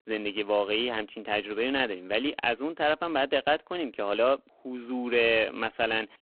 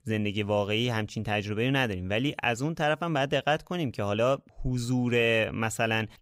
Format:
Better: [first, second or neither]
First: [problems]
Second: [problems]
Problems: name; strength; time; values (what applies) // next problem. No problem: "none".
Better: second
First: phone-call audio; poor line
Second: none